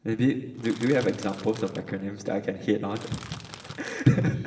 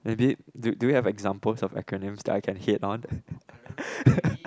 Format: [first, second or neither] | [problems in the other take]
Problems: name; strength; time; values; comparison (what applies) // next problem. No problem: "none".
second | background sound (Crushing); 17 dB below the speech // room echo; dies away in 2.9 s